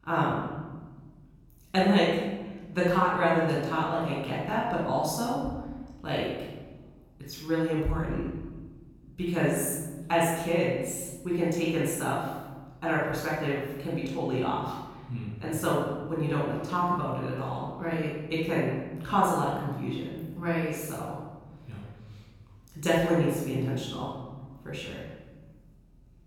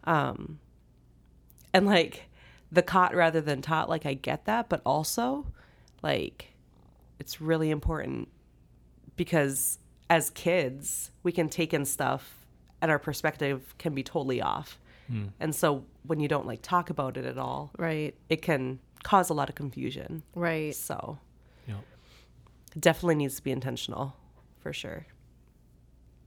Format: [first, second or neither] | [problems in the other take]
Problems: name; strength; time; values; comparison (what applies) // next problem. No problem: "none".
second | off-mic speech; far // room echo; strong; dies away in 1.2 s